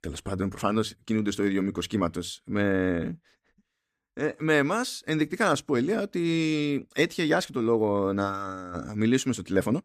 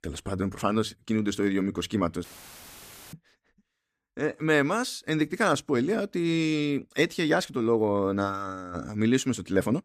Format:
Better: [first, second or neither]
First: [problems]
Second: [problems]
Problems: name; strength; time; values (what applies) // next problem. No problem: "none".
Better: first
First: none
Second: audio cutting out; filled with static; at 2 s for 1 s